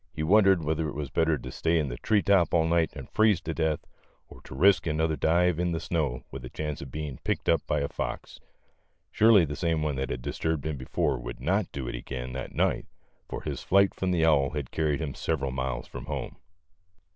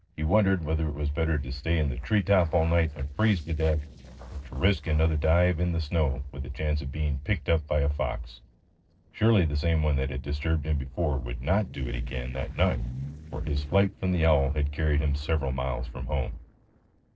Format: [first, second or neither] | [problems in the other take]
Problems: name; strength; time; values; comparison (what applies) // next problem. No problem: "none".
first | noise reduction (neural separator model SepFormer DNS4)